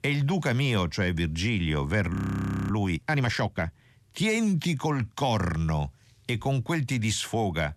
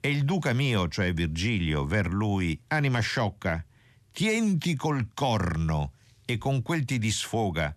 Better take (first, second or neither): second